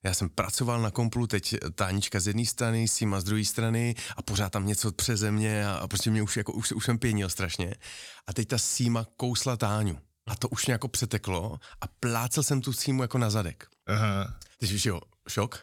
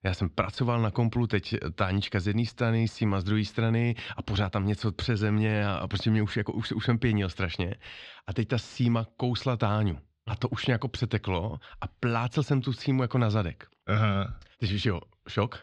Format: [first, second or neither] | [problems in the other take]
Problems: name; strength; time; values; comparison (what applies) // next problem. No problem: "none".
first | muffled; slightly; fading above 3.5 kHz